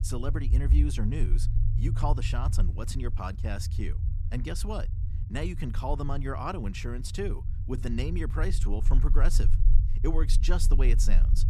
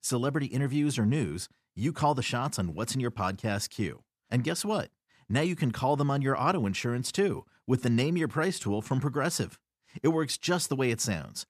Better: second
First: low rumble; noticeable; throughout; 10 dB below the speech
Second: none

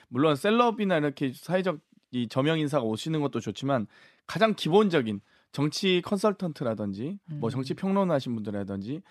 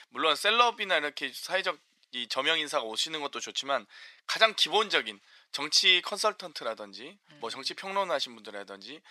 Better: first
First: none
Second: thin; very; fading below 750 Hz

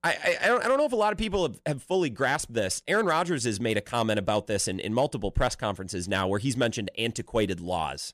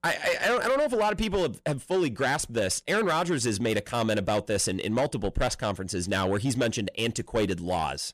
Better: first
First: none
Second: distortion; slight; 10 dB below the speech

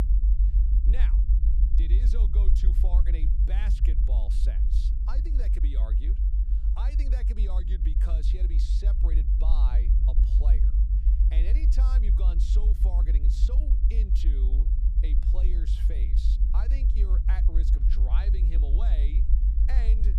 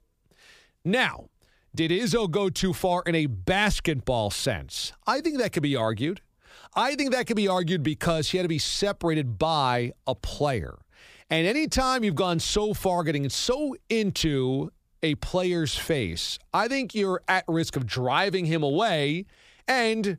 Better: second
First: low rumble; loud; throughout; 1 dB below the speech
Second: none

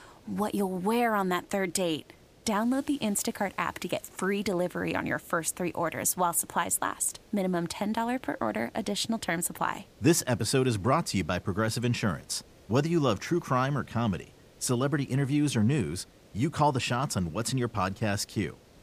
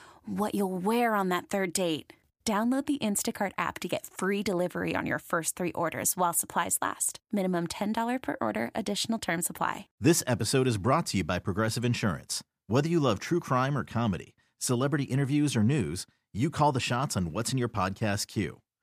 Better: second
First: hiss; faint; throughout; 25 dB below the speech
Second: none

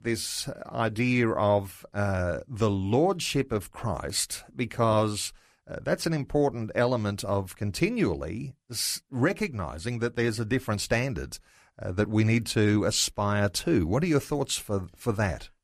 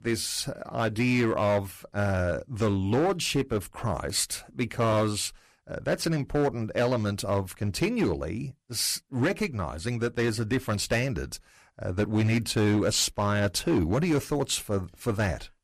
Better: first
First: none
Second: distortion; slight; 6% of the sound clipped

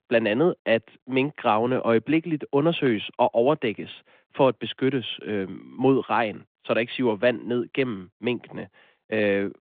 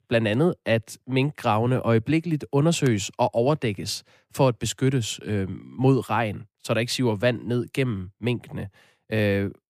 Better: second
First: phone-call audio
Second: none

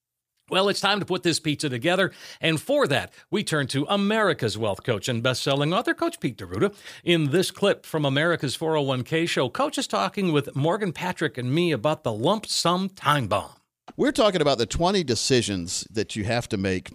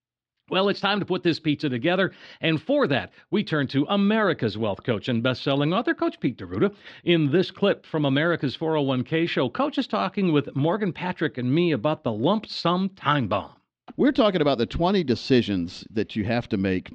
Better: first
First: none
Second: muffled; very slightly; fading above 4 kHz

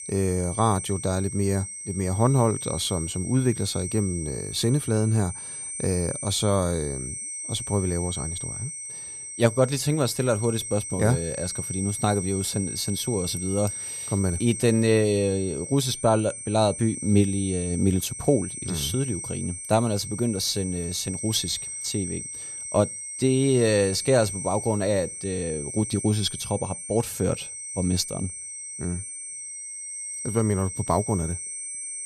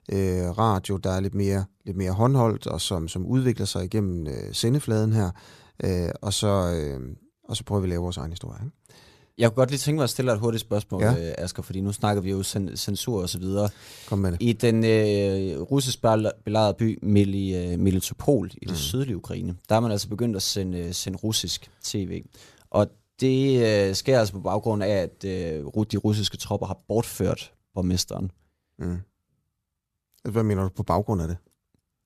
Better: second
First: high-pitched whine; loud; throughout; 8.5 kHz, 7 dB below the speech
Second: none

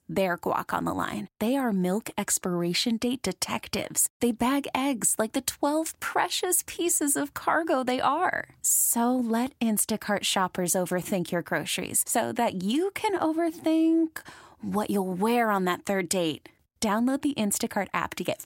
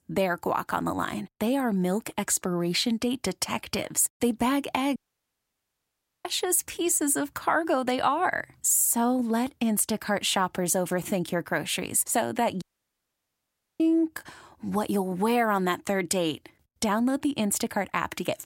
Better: first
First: none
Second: audio cutting out; at 5 s for 1.5 s and at 13 s for 1 s

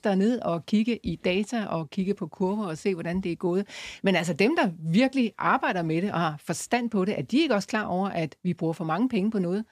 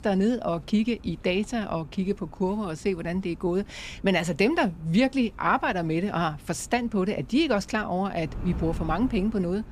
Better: first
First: none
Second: wind noise on the microphone; occasional gusts; 25 dB below the speech

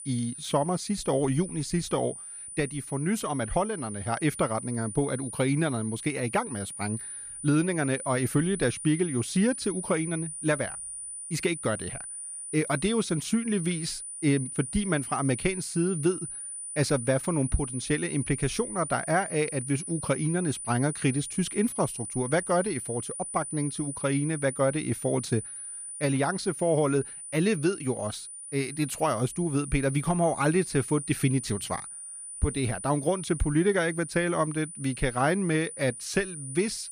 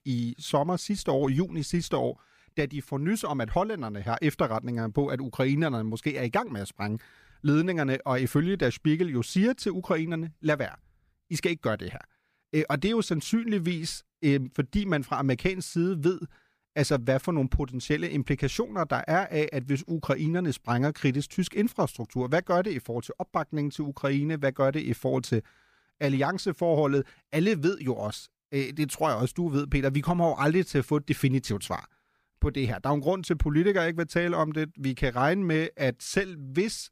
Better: second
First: high-pitched whine; loud; throughout; 9.5 kHz, 8 dB below the speech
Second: none

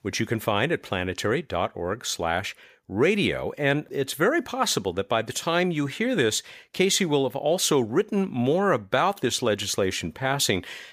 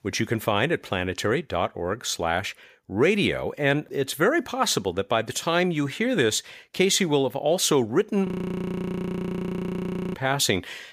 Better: first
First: none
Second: audio freezing; at 8.5 s for 2 s

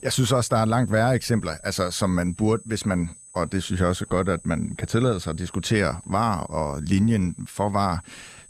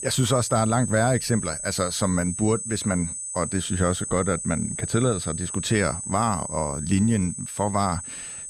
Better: first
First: high-pitched whine; faint; throughout; 8 kHz, 20 dB below the speech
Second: high-pitched whine; loud; throughout; 8 kHz, 6 dB below the speech

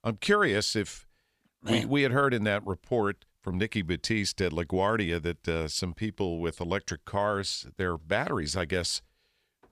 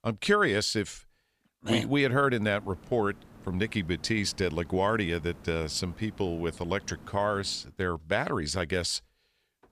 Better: first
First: none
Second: hiss; faint; from 2 to 7.5 s; 20 dB below the speech

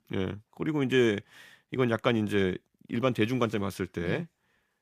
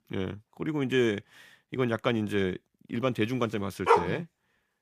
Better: first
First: none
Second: dog barking; loud; at 4 s; peak 6 dB above the speech

